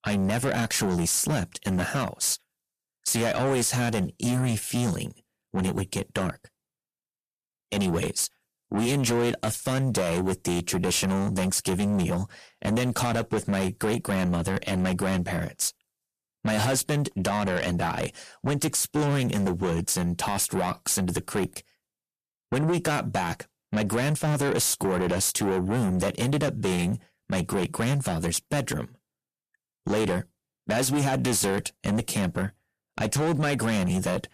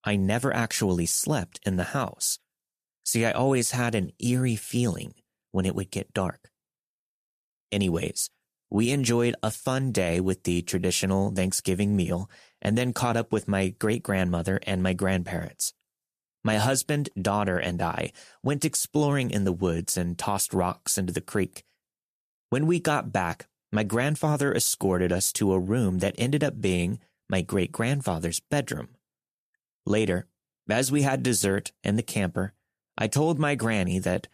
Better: second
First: distortion; heavy; 7 dB below the speech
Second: none

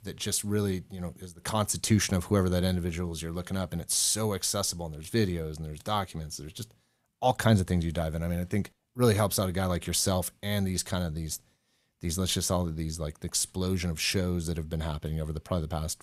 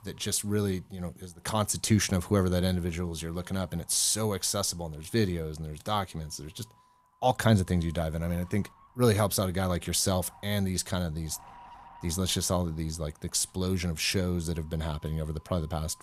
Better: first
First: none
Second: wind noise on the microphone; occasional gusts; 25 dB below the speech

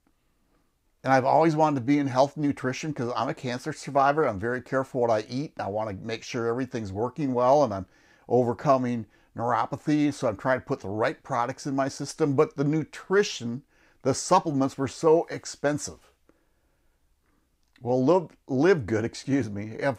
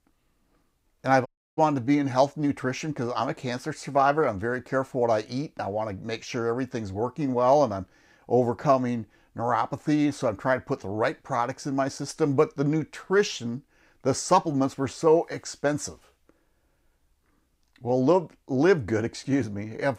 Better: first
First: none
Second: audio cutting out; at 1.5 s

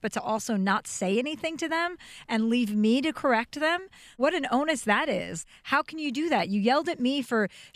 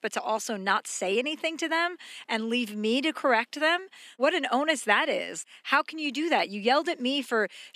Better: first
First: none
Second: thin; very slightly; fading below 250 Hz

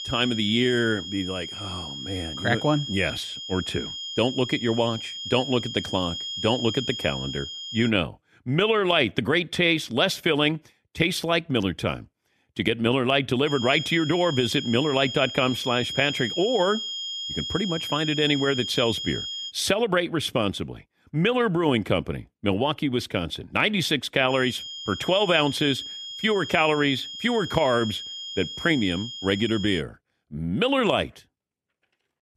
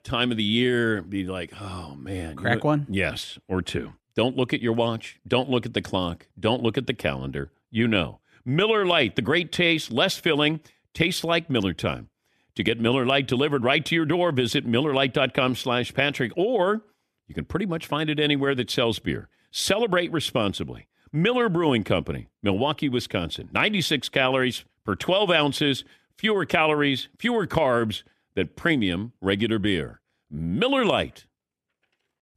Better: second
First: high-pitched whine; loud; until 8 s, from 13 to 20 s and from 24 to 30 s; 3 kHz, 7 dB below the speech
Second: none

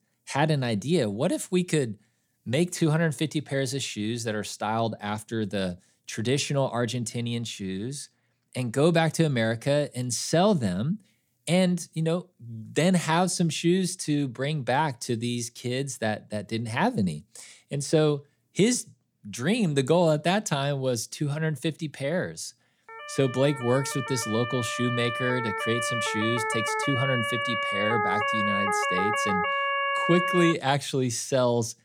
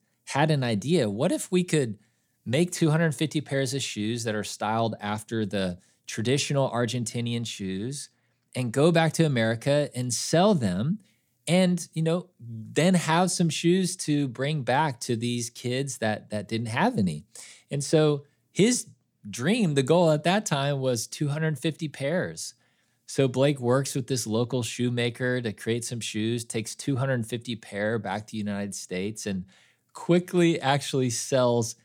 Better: second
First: siren; loud; from 23 to 31 s; peak 2 dB above the speech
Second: none

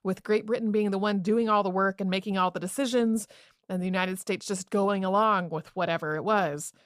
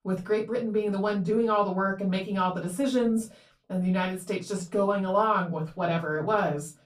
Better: first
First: none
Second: off-mic speech; far // room echo; very slight; dies away in 0.3 s

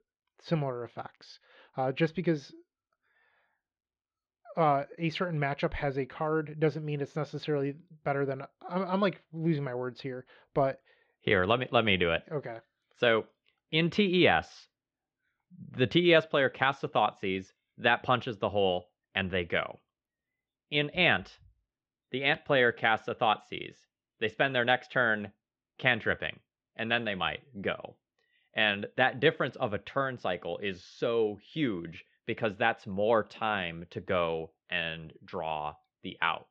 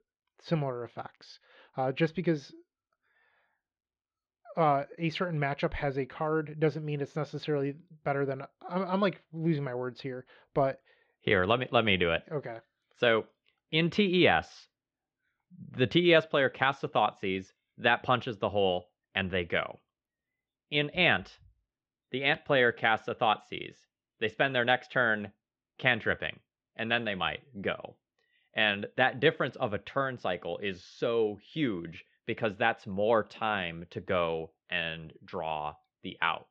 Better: neither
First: muffled; slightly; fading above 3.5 kHz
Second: muffled; slightly; fading above 3.5 kHz

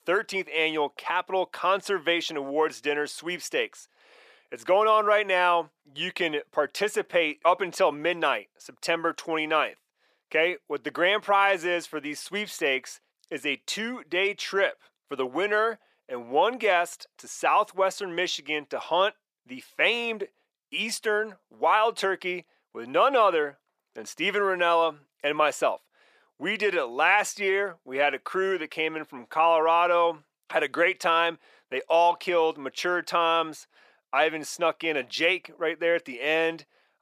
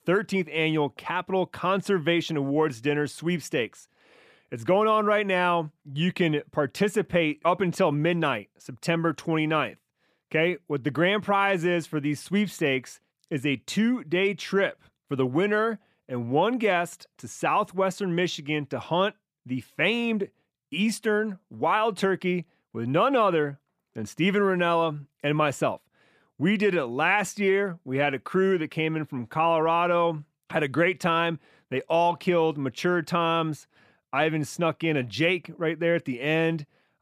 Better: second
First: thin; very; fading below 550 Hz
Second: none

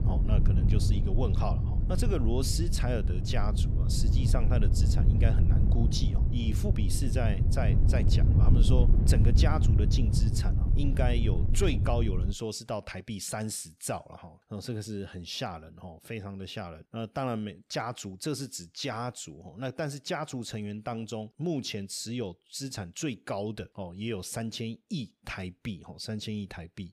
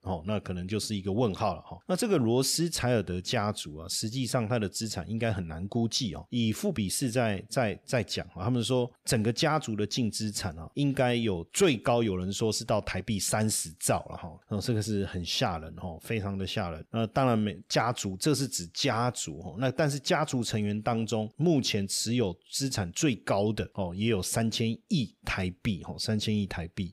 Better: second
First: wind noise on the microphone; heavy; until 12 s; 4 dB below the speech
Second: none

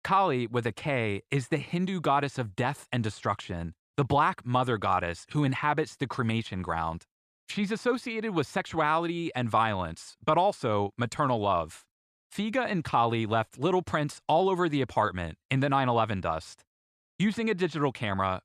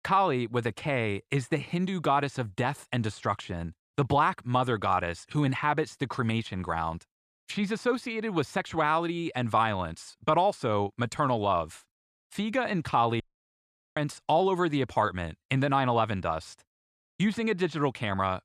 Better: first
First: none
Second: audio cutting out; at 13 s for 1 s

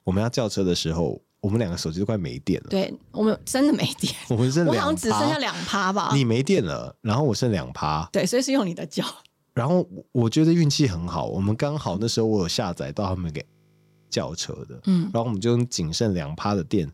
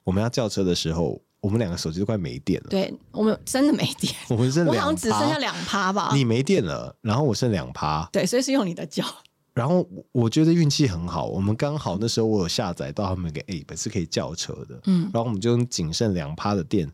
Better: second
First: audio freezing; at 13 s for 0.5 s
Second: none

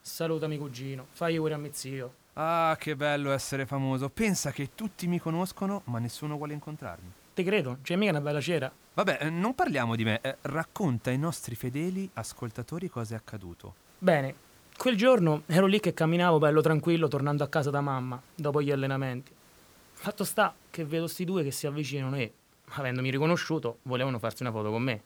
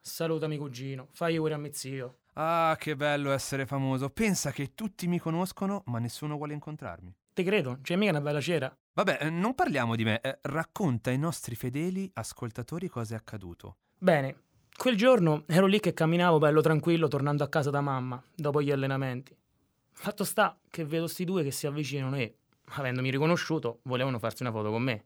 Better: second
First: hiss; faint; throughout; 30 dB below the speech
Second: none

